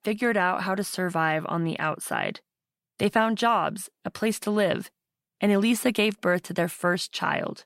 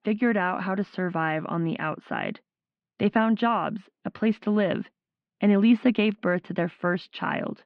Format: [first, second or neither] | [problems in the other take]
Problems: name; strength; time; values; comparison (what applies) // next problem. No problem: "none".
first | muffled; slightly; fading above 3 kHz